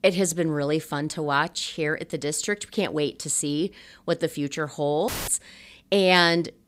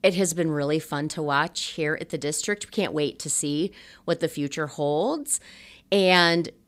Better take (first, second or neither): second